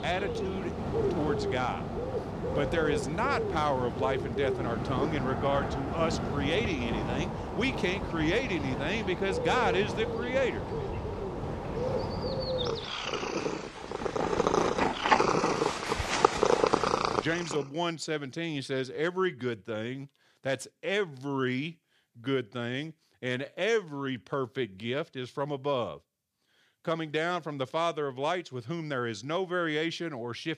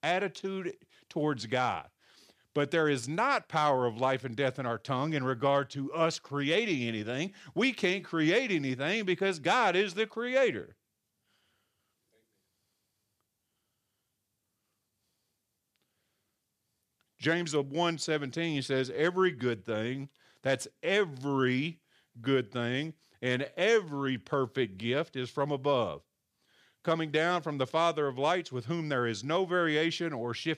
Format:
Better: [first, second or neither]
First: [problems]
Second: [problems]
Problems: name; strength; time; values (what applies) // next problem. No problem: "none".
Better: second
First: animal sounds; very loud; until 17 s; 1 dB above the speech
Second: none